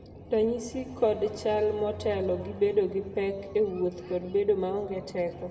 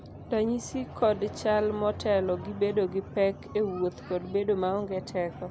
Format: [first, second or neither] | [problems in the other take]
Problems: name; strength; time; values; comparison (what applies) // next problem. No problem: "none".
second | room echo; dies away in 1.1 s